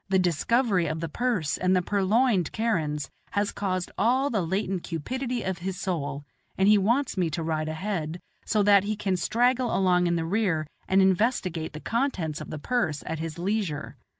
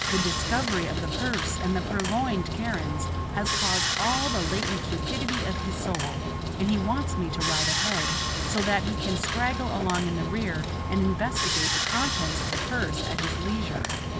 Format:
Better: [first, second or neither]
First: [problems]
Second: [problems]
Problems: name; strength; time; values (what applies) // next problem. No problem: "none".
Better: first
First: none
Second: background sound (Sawing); 2 dB above the speech